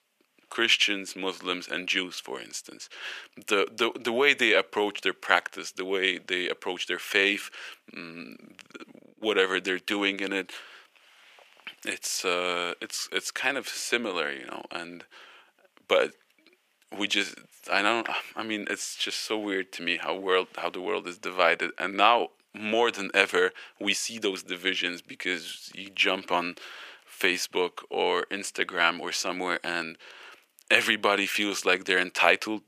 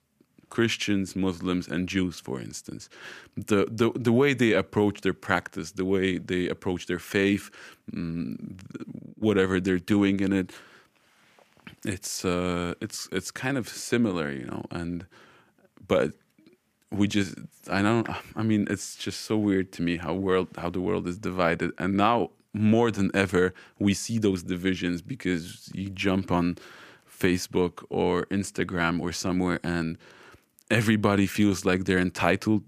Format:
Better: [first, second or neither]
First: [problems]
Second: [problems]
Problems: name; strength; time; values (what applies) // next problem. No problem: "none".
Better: second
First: thin; very; fading below 550 Hz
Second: none